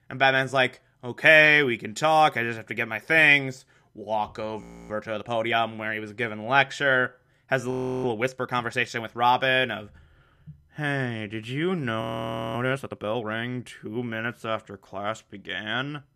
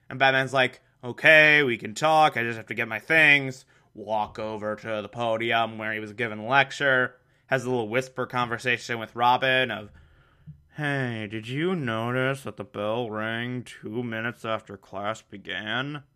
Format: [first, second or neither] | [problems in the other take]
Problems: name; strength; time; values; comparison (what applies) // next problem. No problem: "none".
second | audio freezing; at 4.5 s, at 7.5 s and at 12 s for 0.5 s